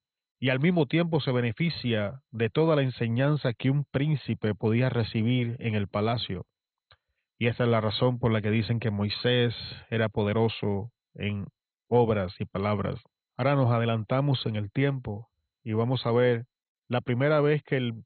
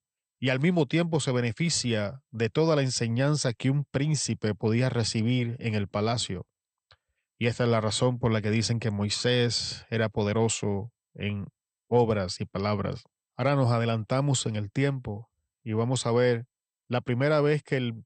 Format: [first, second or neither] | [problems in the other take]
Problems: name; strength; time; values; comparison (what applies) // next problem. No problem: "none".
second | garbled, watery; badly; nothing above 4 kHz; slightly in the second